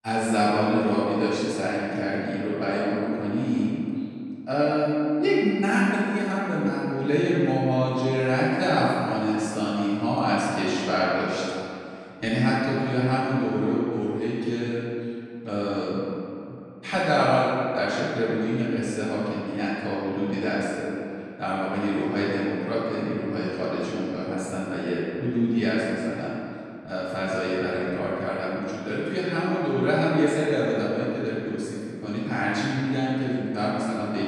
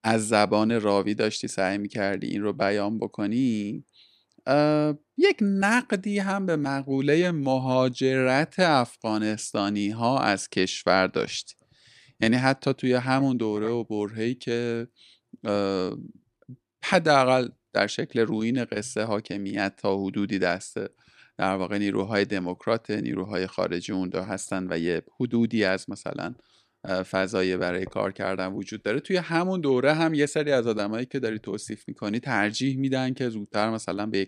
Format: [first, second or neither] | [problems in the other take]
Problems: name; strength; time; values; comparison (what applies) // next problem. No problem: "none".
second | off-mic speech; far // room echo; strong; dies away in 2.5 s